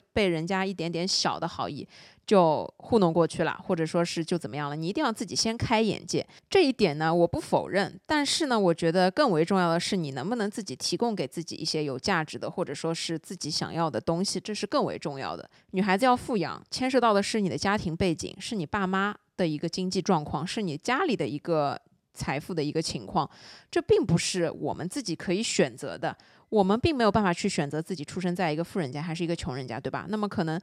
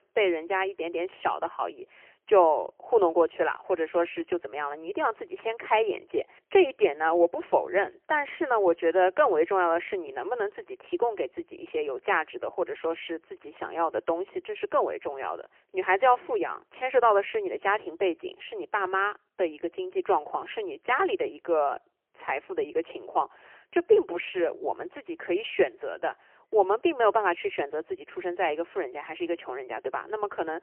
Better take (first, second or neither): first